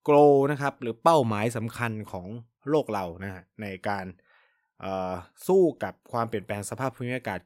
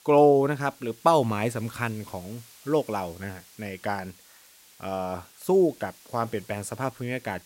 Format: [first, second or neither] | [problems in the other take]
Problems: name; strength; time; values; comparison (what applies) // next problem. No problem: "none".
first | hiss; faint; throughout; 25 dB below the speech